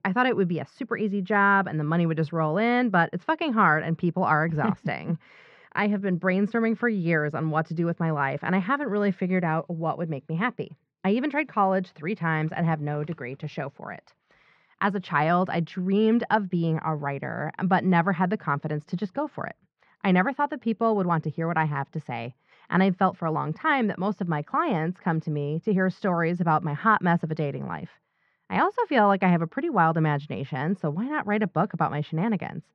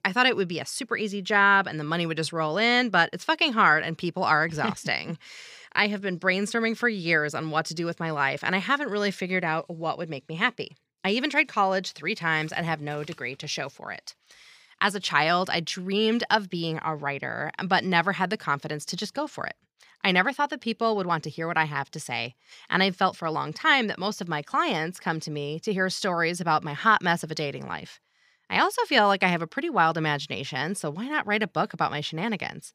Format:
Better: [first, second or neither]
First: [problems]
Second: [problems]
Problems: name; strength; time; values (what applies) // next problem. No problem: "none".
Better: second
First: muffled; very; fading above 1.5 kHz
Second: none